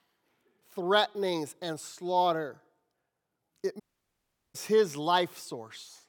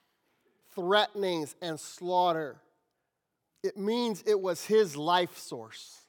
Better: second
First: audio cutting out; at 4 s for 0.5 s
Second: none

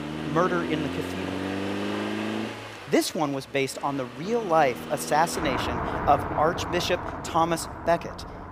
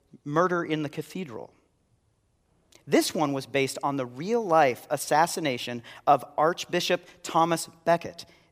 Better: second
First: traffic noise; loud; throughout; 6 dB below the speech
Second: none

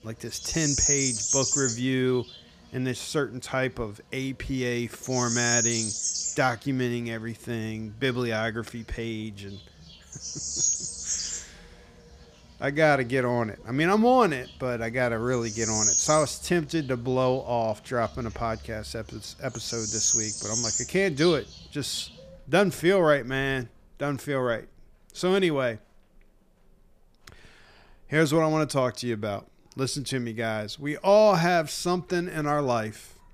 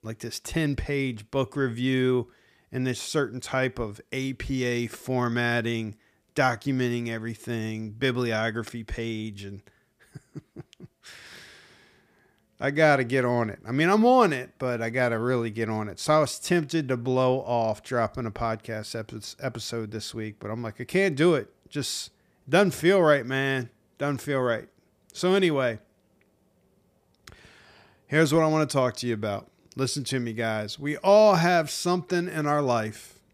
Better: second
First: animal sounds; very loud; throughout; as loud as the speech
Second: none

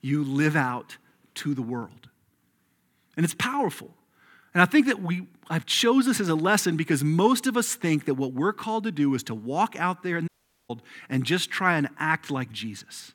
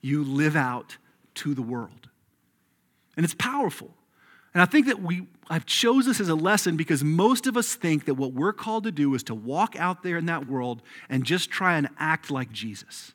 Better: second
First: audio cutting out; at 10 s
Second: none

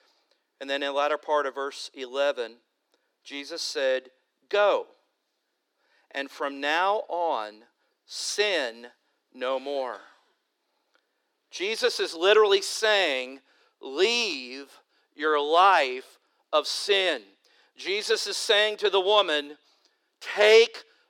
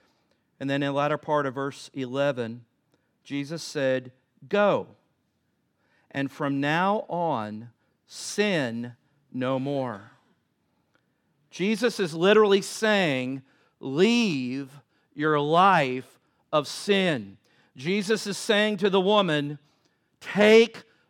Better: second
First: thin; very; fading below 350 Hz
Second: none

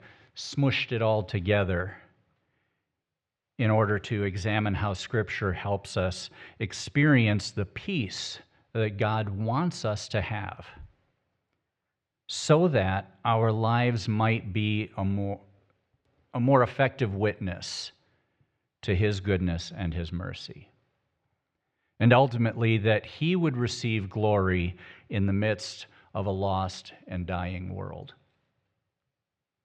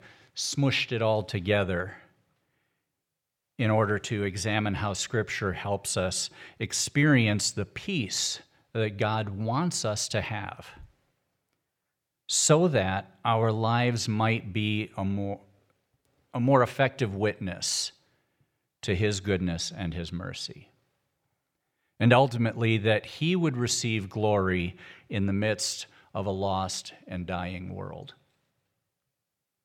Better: second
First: muffled; slightly; fading above 3.5 kHz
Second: none

